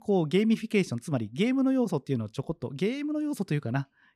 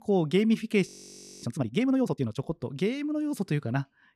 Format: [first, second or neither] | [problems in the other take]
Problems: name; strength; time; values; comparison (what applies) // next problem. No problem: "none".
first | audio freezing; at 1 s for 0.5 s